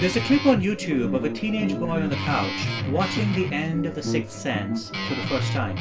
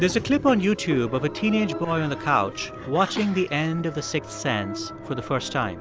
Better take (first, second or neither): second